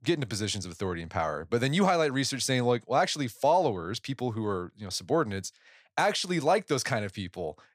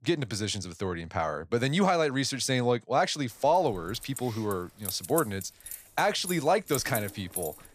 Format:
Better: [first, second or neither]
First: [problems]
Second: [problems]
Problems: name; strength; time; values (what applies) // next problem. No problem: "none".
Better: first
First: none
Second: jangling keys; noticeable; from 3.5 s on; peak 5 dB below the speech